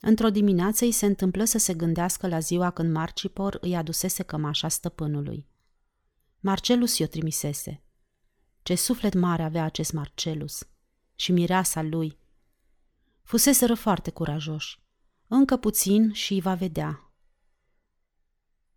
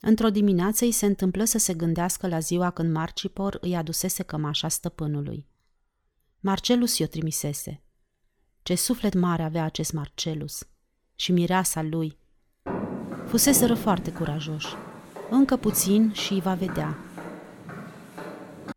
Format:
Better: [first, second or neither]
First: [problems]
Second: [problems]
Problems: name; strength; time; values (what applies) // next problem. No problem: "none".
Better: first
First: none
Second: footsteps; noticeable; from 13 s on; peak 5 dB below the speech